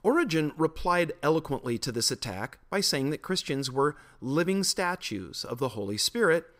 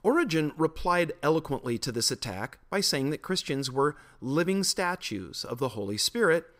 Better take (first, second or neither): neither